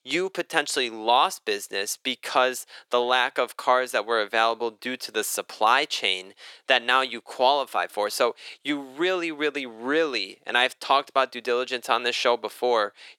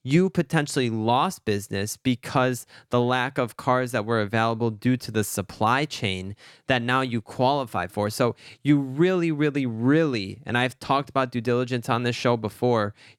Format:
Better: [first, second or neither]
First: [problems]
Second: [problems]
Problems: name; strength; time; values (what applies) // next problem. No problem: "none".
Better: second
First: thin; very; fading below 450 Hz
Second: none